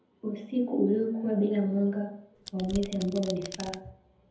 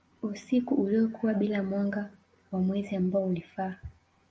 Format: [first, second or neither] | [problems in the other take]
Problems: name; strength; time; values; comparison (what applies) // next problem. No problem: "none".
second | background sound (Domestic sounds, home sounds); 13 dB below the speech // room echo; dies away in 0.7 s